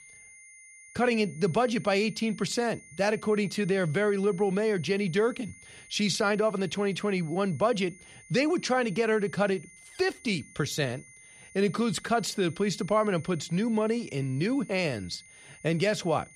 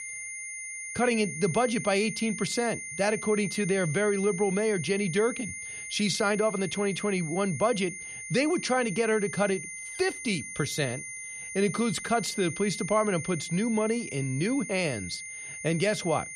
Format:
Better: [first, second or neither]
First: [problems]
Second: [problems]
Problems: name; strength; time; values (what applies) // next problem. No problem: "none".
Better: first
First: high-pitched whine; faint; throughout; 2 kHz, 20 dB below the speech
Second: high-pitched whine; loud; throughout; 2 kHz, 8 dB below the speech